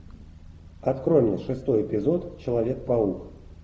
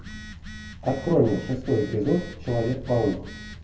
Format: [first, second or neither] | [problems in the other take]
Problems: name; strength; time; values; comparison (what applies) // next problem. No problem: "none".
first | background sound (Telephone); 16 dB below the speech // room echo; dies away in 0.3 s